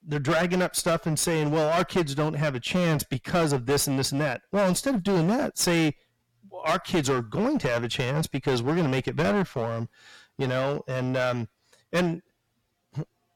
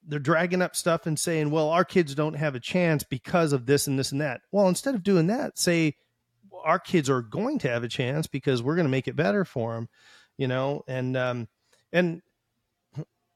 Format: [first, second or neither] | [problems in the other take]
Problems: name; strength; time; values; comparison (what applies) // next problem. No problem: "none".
second | distortion; heavy; 14% of the sound clipped